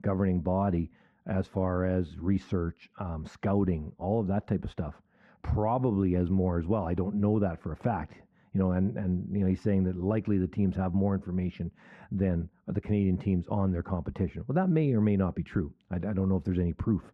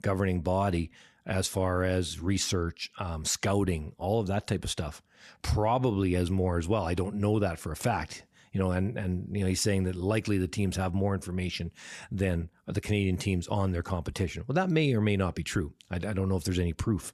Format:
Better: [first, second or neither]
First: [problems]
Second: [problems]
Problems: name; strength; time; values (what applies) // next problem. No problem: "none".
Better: second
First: muffled; very; fading above 3.5 kHz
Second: none